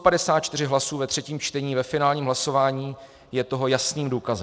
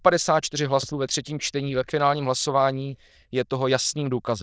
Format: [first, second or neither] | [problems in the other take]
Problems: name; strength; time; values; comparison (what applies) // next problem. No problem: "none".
first | noise reduction (neural diffusion model UNIVERSE++)